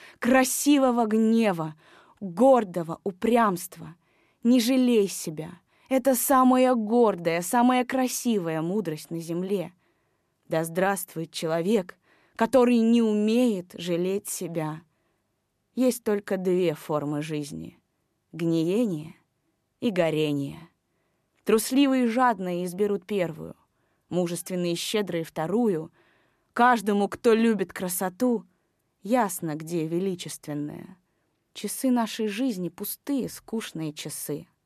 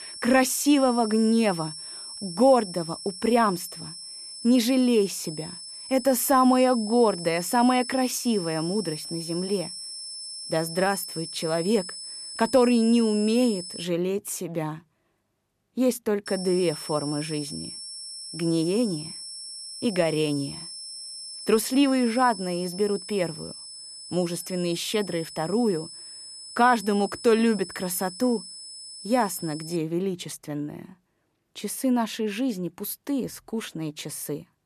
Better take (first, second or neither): first